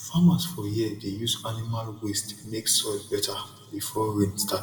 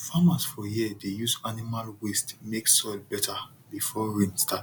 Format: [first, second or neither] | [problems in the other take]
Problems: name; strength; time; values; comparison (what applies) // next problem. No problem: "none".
second | room echo; dies away in 1.2 s